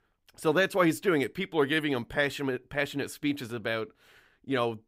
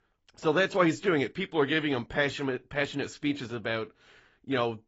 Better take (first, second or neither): first